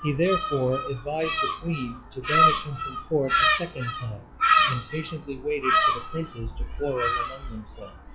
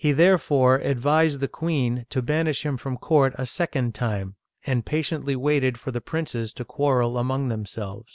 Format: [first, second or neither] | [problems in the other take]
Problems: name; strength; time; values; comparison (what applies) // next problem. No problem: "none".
second | noise reduction (classical method WPE with log-MMSE)